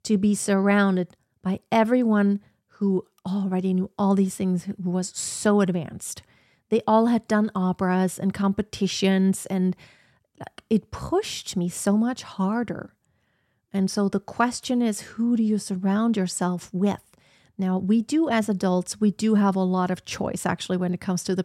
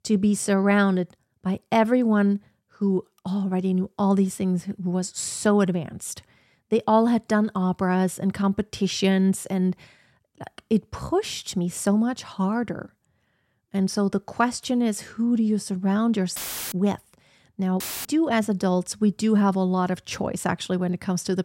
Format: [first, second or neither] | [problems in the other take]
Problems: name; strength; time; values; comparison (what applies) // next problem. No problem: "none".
first | audio cutting out; filled with static; at 16 s and at 18 s